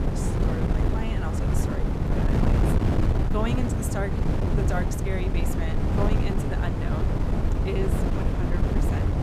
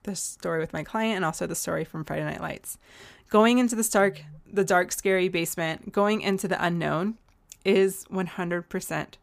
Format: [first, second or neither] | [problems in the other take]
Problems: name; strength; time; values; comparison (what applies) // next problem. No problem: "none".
second | wind noise on the microphone; heavy; 3 dB above the speech